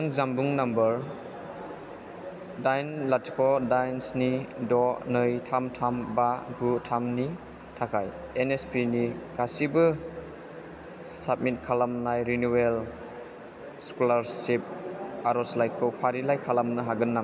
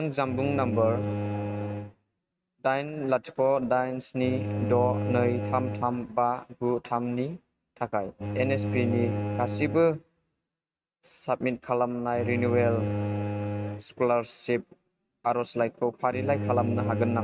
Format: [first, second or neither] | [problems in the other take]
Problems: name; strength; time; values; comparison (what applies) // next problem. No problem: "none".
first | noise reduction (neural mask model RNNoise)